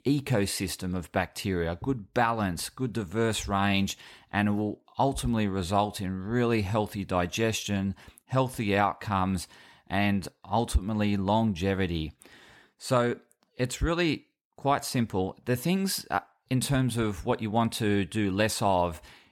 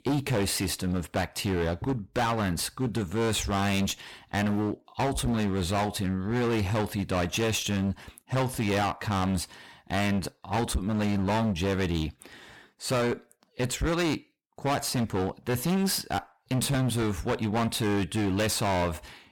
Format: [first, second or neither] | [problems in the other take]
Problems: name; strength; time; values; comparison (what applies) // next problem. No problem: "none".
first | distortion; heavy; 23% of the sound clipped